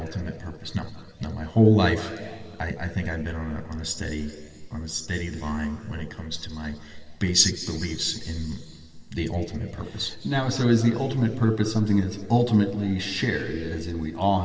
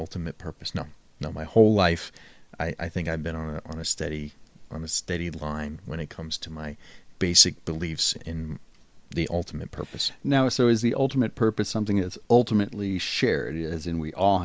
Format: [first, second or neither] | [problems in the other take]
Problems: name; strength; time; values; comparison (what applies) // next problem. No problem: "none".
second | room echo; dies away in 2.2 s